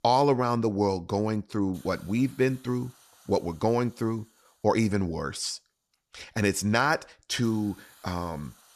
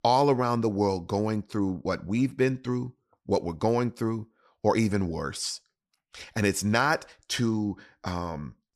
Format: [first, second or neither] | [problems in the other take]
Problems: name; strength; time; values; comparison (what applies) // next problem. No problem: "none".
second | hiss; faint; throughout; 25 dB below the speech